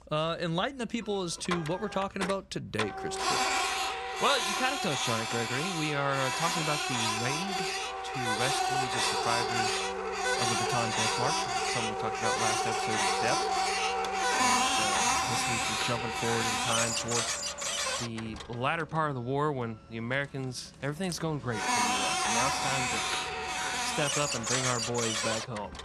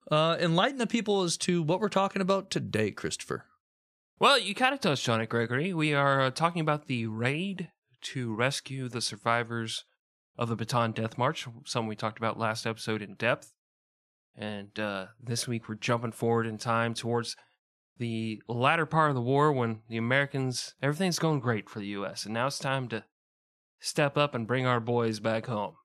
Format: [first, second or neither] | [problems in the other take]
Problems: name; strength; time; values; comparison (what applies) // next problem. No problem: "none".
second | household noises; very loud; throughout; 5 dB above the speech